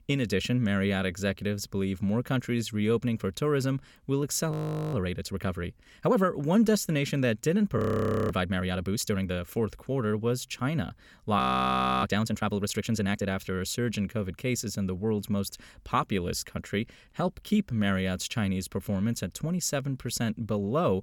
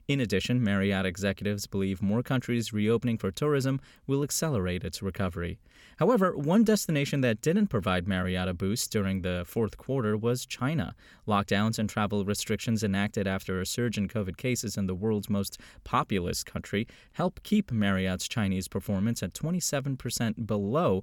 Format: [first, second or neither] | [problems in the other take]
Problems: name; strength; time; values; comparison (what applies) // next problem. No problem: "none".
second | audio freezing; at 4.5 s, at 8 s for 0.5 s and at 11 s for 0.5 s